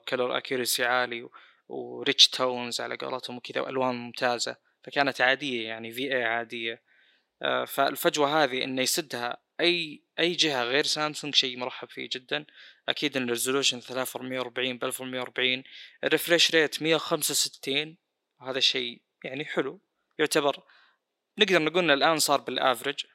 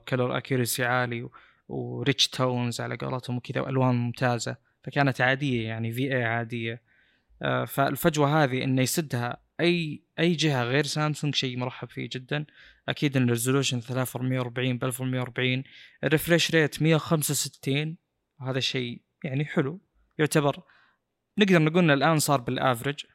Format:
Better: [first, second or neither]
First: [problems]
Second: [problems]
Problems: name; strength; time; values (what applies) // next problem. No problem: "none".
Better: second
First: thin; somewhat; fading below 400 Hz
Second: none